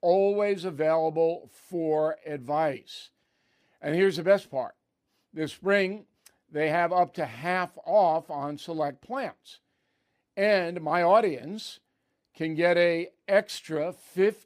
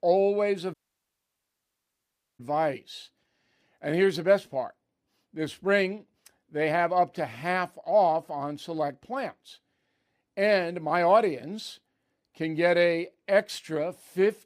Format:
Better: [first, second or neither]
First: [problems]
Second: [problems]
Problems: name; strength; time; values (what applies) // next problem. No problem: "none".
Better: first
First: none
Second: audio cutting out; at 0.5 s for 1.5 s